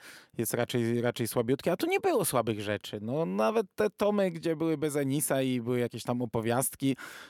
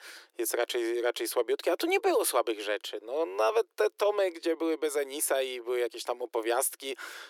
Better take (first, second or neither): first